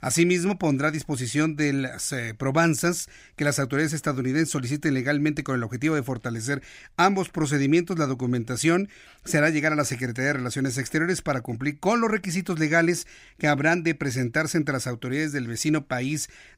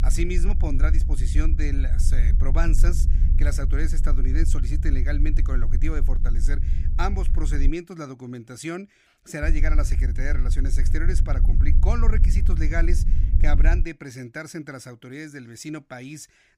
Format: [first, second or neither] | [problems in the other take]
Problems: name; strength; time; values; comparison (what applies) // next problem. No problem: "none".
first | low rumble; loud; until 7.5 s and from 9.5 to 14 s; 9 dB below the speech